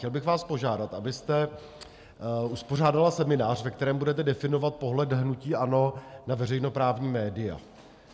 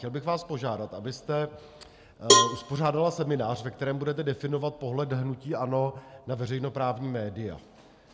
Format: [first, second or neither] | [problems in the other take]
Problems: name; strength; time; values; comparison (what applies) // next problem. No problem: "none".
first | background sound (Cowbell); 4 dB above the speech